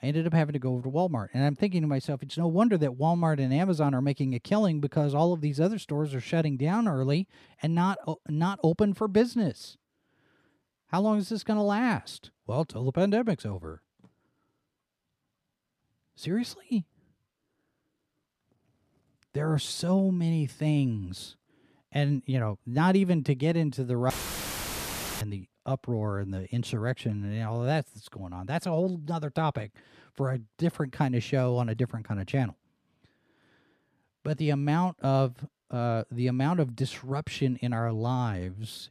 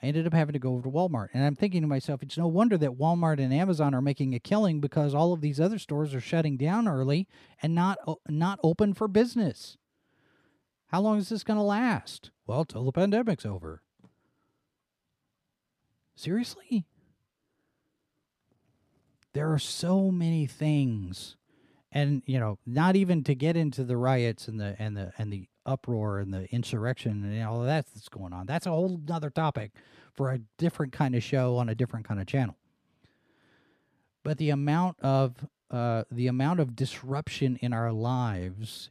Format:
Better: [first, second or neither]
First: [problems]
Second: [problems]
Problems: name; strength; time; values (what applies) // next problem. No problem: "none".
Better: second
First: audio cutting out; filled with static; at 24 s for 1 s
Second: none